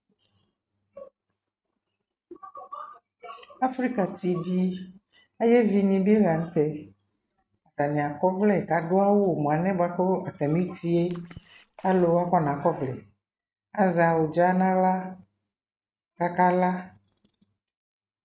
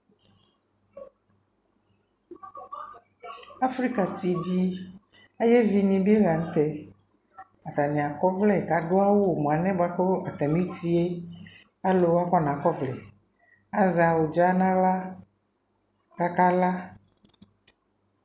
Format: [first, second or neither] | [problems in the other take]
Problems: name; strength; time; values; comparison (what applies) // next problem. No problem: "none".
second | noise reduction (neural mask model RNNoise)